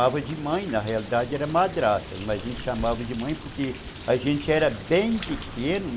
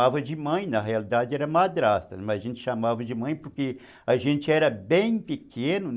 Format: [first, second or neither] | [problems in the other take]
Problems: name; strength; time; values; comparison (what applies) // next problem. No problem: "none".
second | background sound (Rain); 12 dB below the speech